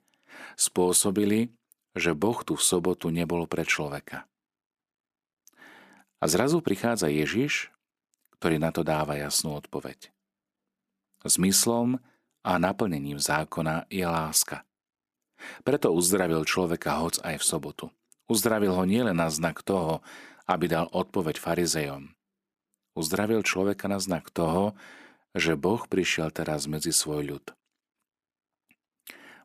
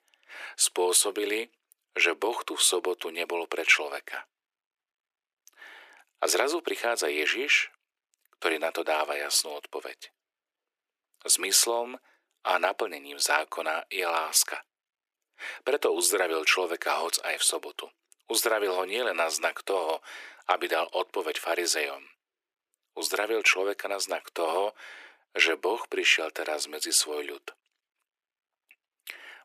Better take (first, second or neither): first